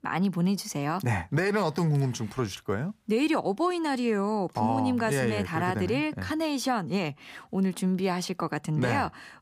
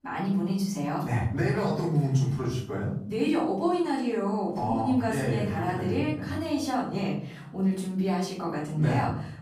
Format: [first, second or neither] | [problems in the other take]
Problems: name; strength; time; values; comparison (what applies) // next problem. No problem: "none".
first | off-mic speech; far // room echo; noticeable; dies away in 0.8 s